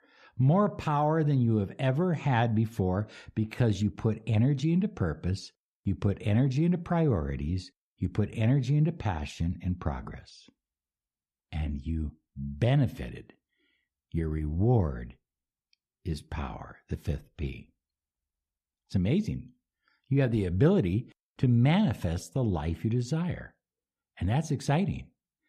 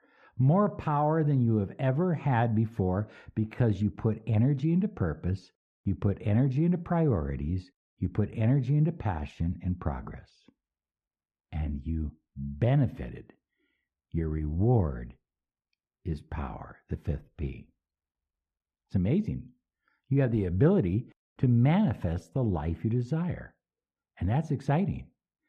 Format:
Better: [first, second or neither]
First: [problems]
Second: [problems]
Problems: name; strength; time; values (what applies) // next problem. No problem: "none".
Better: first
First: none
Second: muffled; slightly; fading above 3 kHz